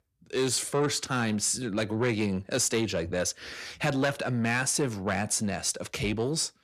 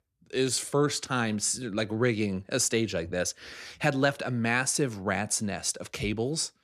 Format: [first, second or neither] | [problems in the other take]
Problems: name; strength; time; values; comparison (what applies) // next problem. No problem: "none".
second | distortion; slight; 10 dB below the speech